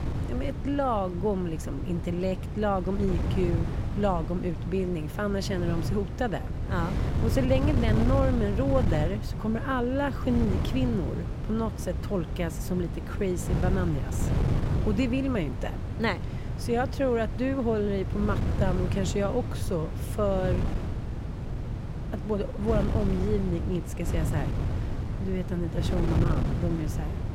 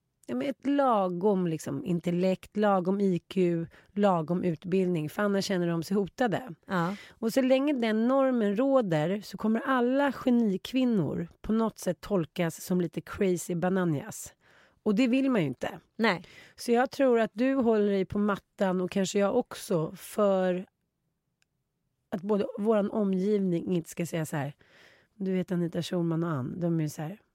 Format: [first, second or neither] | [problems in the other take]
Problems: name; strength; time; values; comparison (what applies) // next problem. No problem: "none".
second | wind noise on the microphone; heavy; 8 dB below the speech